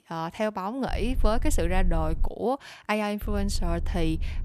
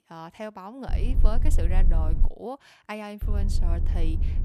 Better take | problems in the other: first | low rumble; loud; from 1 to 2.5 s and from 3 s on; 8 dB below the speech; faint in the first

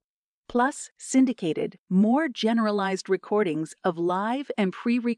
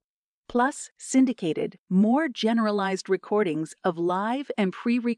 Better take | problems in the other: neither | none

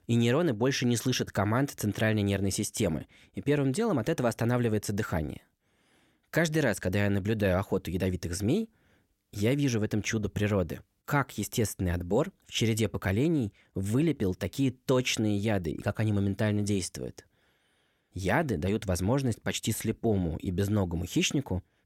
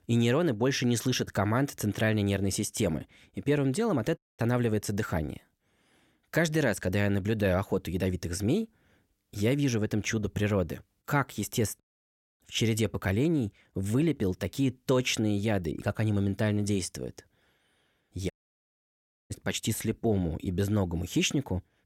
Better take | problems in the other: first | audio cutting out; at 4 s, at 12 s for 0.5 s and at 18 s for 1 s

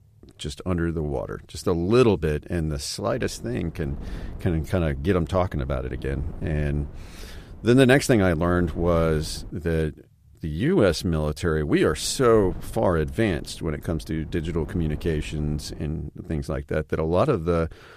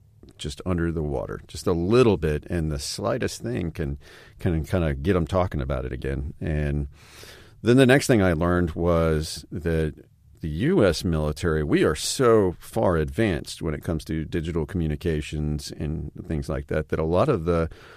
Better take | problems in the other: second | wind noise on the microphone; occasional gusts; from 3 to 9.5 s and from 12 to 16 s; 25 dB below the speech

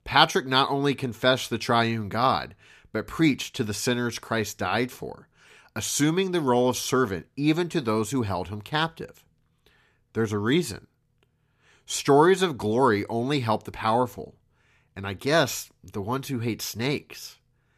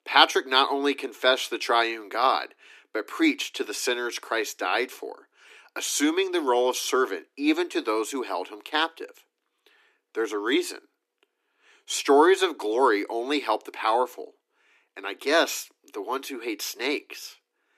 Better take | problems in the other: first | thin; somewhat; fading below 300 Hz

